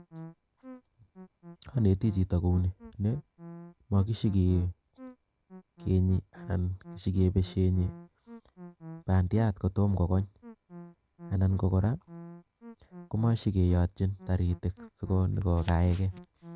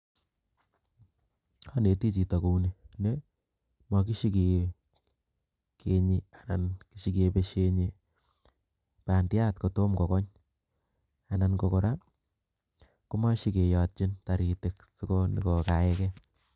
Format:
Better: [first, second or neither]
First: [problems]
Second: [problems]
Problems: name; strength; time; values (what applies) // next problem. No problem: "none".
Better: second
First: background sound (Musical instrument); 19 dB below the speech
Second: none